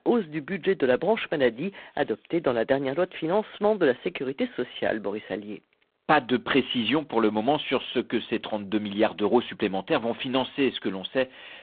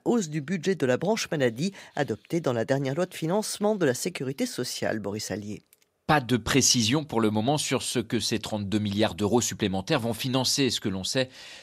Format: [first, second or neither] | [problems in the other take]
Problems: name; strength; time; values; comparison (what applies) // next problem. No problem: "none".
second | phone-call audio; poor line